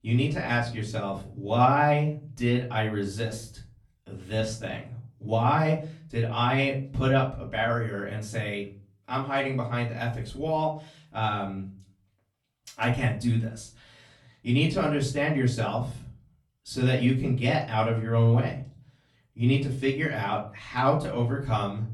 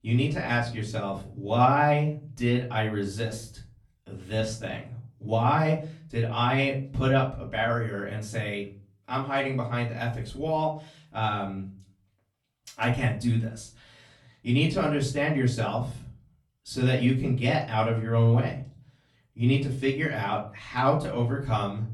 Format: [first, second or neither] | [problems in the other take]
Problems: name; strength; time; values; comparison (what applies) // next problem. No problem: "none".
neither | off-mic speech; far; the same in both // room echo; slight; dies away in 0.4 s; the same in both